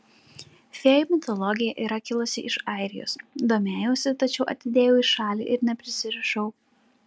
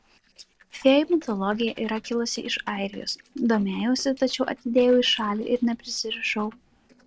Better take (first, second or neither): first